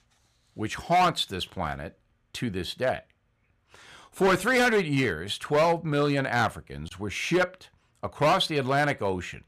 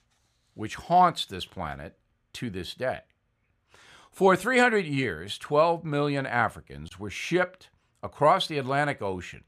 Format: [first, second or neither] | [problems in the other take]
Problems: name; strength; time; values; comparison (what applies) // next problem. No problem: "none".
second | distortion; heavy; 6% of the sound clipped